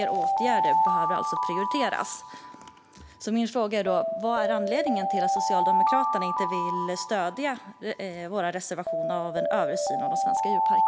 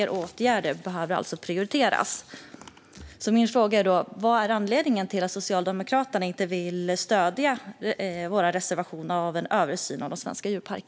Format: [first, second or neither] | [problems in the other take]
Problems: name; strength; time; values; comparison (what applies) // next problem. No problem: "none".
second | background sound (Alarm); 3 dB above the speech